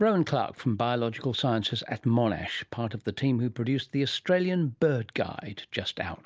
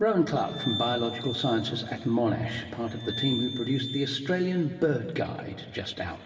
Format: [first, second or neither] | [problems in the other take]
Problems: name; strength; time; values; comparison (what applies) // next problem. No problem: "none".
first | background sound (Glass); 11 dB below the speech // room echo; dies away in 2.6 s